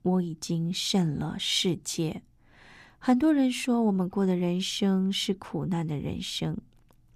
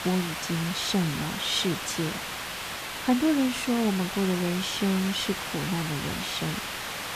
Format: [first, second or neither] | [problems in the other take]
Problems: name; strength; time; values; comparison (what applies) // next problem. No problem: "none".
first | hiss; loud; throughout; 4 dB below the speech